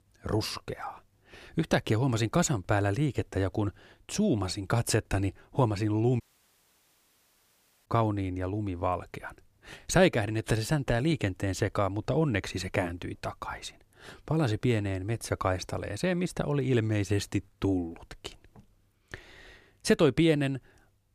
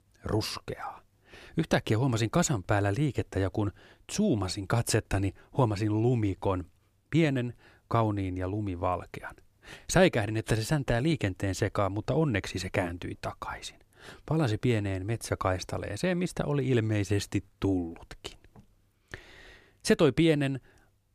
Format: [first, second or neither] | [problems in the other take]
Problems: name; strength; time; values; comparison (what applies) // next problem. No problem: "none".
second | audio cutting out; at 6 s for 1.5 s